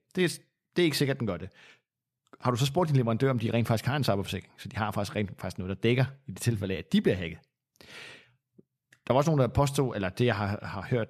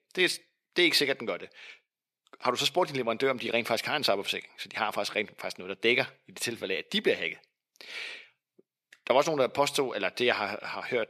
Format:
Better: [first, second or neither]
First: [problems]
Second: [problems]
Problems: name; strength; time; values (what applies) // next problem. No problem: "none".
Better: first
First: none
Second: thin; somewhat; fading below 400 Hz